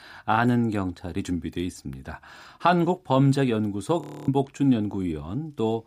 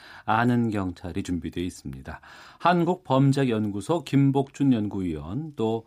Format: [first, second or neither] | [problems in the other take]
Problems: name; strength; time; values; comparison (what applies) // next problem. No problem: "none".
second | audio freezing; at 4 s